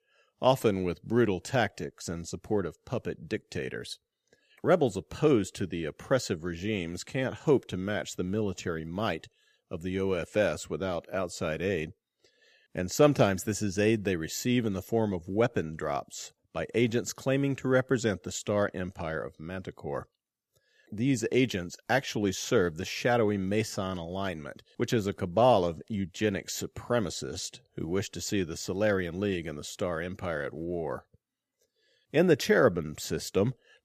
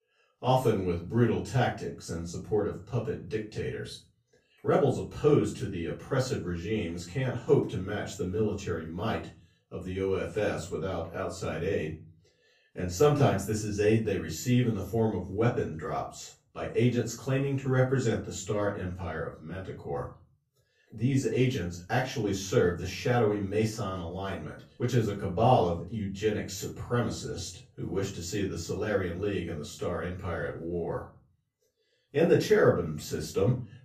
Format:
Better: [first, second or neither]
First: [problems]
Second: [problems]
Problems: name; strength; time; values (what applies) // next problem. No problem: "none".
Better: first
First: none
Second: off-mic speech; far // room echo; slight; dies away in 0.3 s